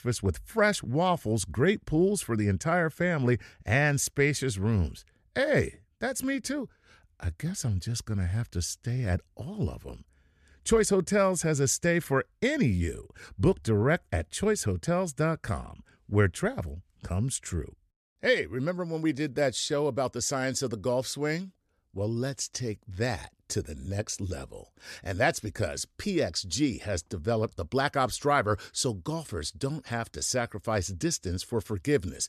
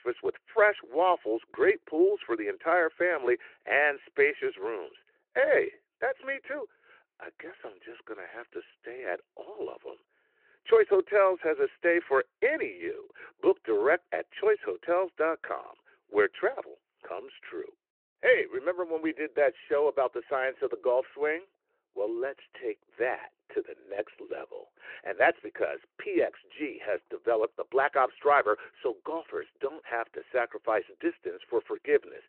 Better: first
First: none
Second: phone-call audio

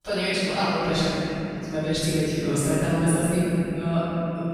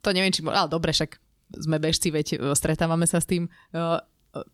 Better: second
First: off-mic speech; far // room echo; strong; dies away in 3 s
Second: none

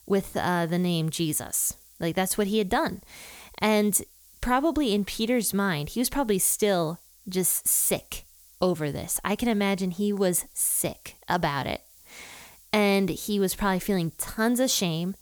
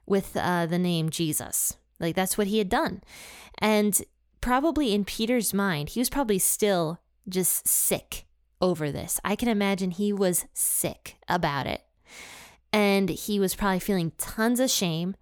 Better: second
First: hiss; faint; throughout; 25 dB below the speech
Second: none

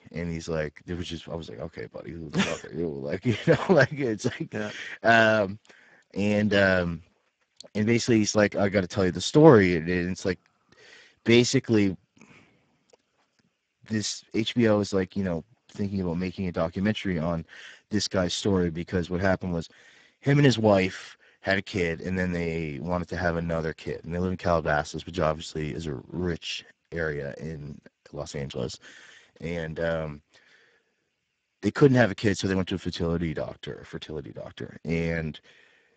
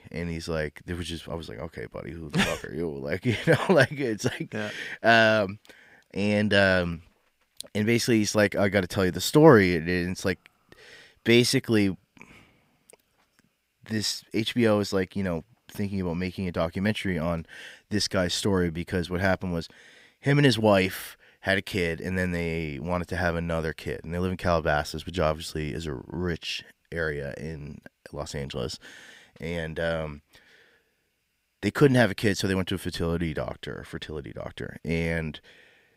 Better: second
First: garbled, watery; badly; nothing above 7.5 kHz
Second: none

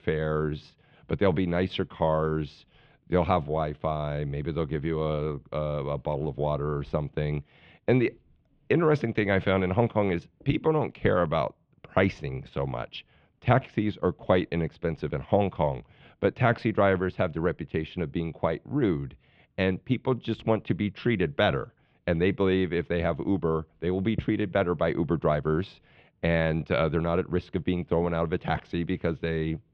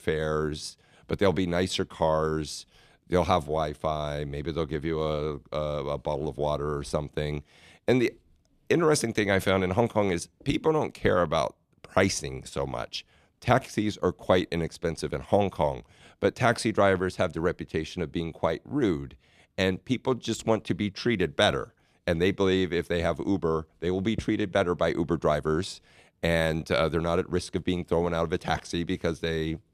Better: second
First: muffled; very; fading above 3 kHz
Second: none

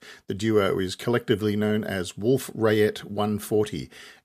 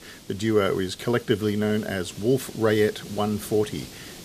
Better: first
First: none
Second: hiss; noticeable; throughout; 20 dB below the speech

